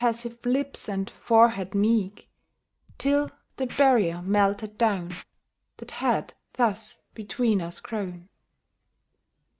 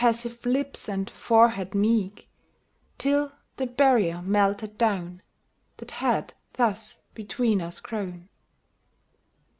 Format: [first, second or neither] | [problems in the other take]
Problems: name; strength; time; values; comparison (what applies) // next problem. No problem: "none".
second | noise reduction (neural mask model DeepFilterNet 3)